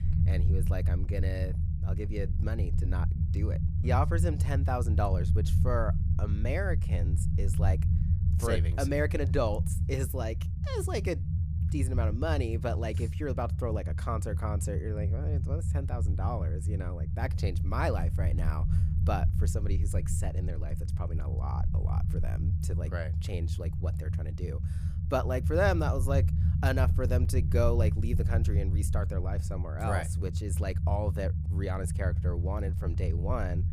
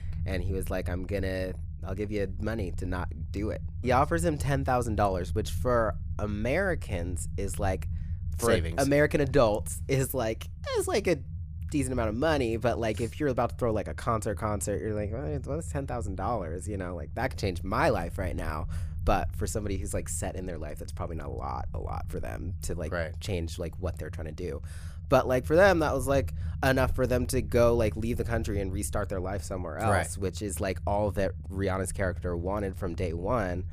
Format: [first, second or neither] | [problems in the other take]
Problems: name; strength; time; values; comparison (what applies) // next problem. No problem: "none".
second | low rumble; loud; throughout; 9 dB below the speech; faint in the second